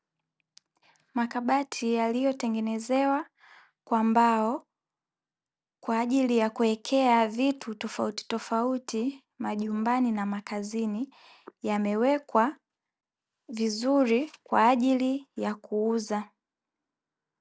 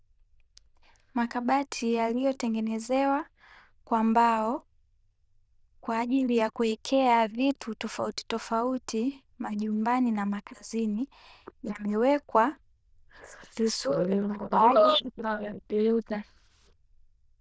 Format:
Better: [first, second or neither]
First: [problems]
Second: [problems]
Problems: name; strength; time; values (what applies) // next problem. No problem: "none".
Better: first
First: none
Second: noise reduction (neural diffusion model UNIVERSE++)